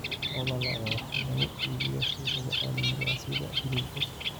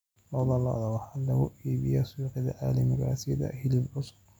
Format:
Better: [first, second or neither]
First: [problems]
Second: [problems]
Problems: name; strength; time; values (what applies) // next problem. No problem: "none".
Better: second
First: background sound (Bird); 2 dB above the speech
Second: none